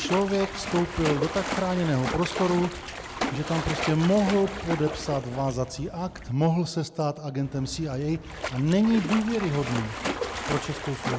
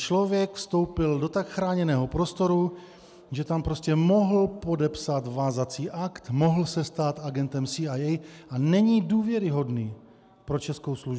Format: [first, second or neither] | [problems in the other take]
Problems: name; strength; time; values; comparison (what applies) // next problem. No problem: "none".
second | background sound (Splash, splatter); 7 dB below the speech